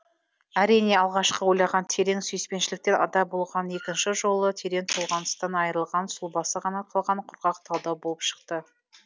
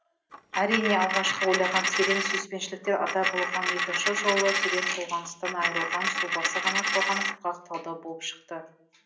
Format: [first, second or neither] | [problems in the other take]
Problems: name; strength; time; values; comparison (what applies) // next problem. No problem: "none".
first | background sound (Coin (dropping)); 1 dB above the speech // room echo; dies away in 0.5 s